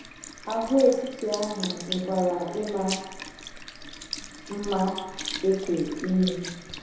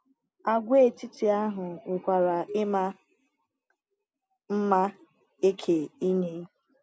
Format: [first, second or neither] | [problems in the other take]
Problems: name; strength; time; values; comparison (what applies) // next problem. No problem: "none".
second | background sound (Sink (filling or washing) / Liquid); 11 dB below the speech // room echo; dies away in 1 s